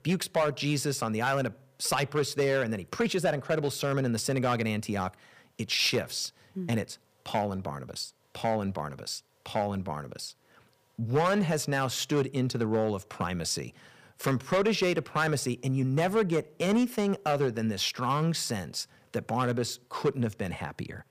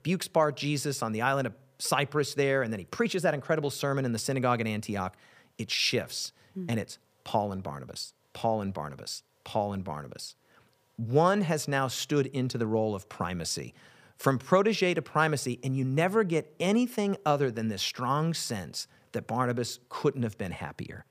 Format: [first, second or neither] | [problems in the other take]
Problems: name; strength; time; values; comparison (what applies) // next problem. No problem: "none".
second | distortion; slight; 4% of the sound clipped